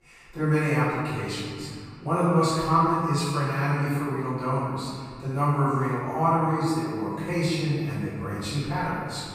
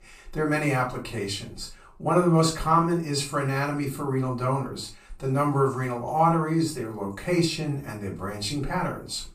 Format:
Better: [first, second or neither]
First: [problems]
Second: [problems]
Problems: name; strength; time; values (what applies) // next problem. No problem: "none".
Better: second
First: room echo; strong; dies away in 2 s // off-mic speech; far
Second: room echo; slight; dies away in 0.3 s // off-mic speech; far